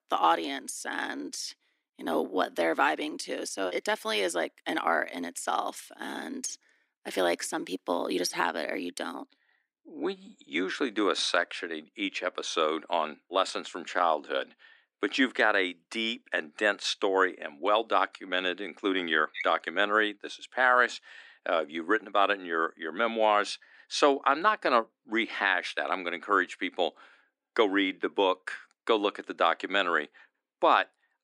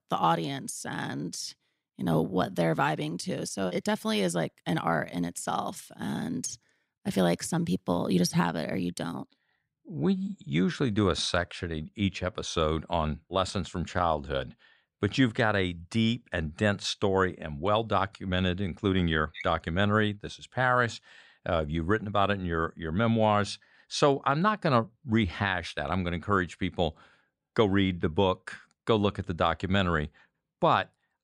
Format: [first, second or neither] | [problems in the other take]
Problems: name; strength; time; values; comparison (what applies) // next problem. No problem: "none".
second | thin; somewhat; fading below 300 Hz